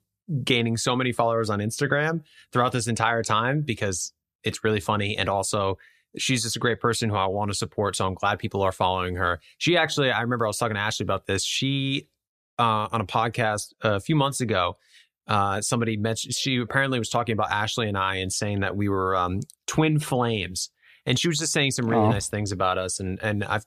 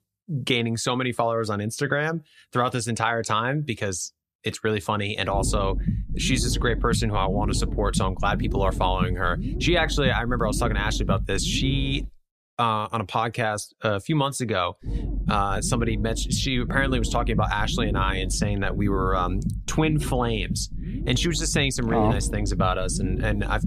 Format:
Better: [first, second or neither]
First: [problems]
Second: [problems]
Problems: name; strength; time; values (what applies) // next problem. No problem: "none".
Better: first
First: none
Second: low rumble; noticeable; from 5.5 to 12 s and from 15 s on; 15 dB below the speech